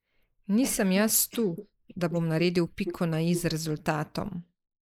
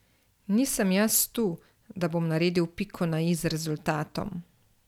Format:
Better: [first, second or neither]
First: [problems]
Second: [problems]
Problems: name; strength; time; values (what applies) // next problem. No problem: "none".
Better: second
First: noise reduction (neural mask model Resemble Enhance denoiser)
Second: none